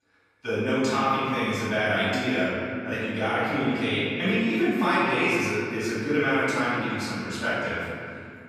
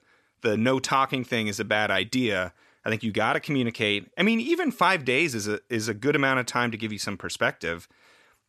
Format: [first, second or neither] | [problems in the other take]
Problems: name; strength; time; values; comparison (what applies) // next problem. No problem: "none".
second | room echo; strong; dies away in 2.4 s // off-mic speech; far